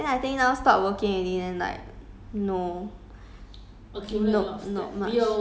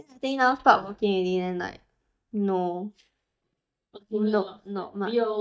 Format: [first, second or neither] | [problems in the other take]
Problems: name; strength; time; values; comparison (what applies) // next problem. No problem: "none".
first | noise reduction (neural mask model DeepFilterNet 3)